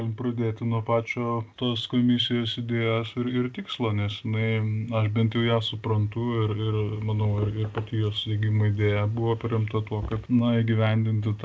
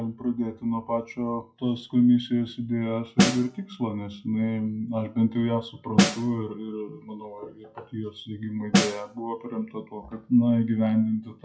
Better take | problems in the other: first | noise reduction (classical method WPE with log-MMSE)

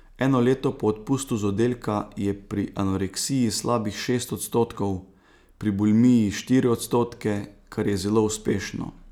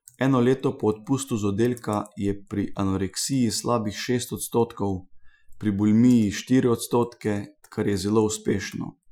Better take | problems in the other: first | noise reduction (classical method Wiener filter)

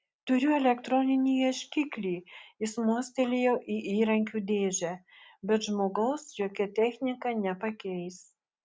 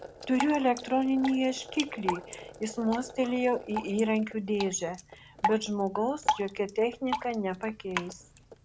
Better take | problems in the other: first | background sound (Drip); 8 dB below the speech

